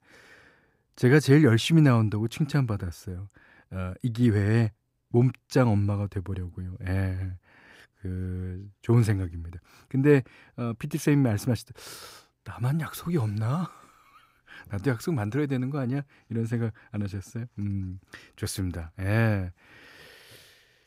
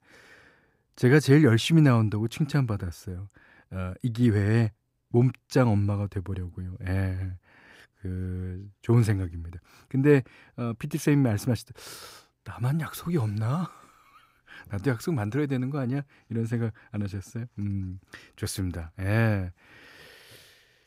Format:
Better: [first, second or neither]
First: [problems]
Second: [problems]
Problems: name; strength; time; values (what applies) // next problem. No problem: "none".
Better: neither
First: none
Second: none